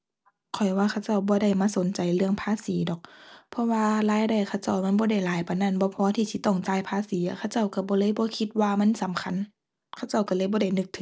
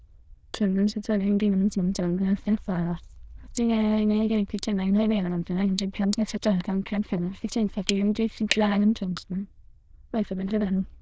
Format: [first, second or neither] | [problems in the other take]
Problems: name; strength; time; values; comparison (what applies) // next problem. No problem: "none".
first | noise reduction (neural diffusion model UNIVERSE++)